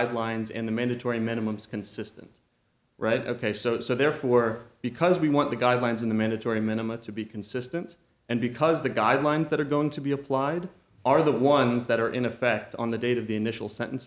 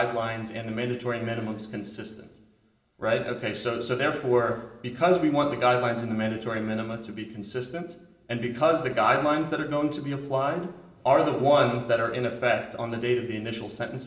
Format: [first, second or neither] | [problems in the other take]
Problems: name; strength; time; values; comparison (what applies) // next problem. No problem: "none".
first | room echo; dies away in 1.3 s